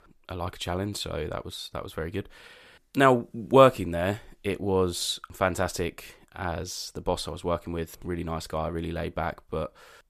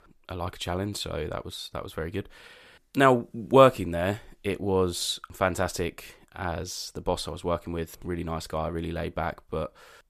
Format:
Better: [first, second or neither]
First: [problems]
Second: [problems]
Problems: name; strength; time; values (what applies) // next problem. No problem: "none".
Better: neither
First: none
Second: none